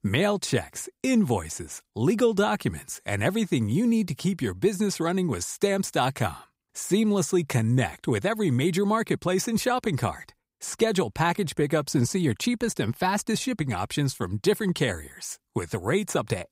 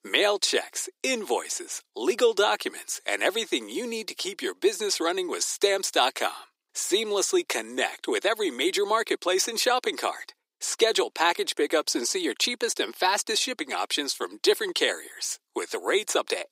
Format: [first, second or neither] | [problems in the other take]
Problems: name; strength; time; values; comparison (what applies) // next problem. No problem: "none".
first | thin; very; fading below 300 Hz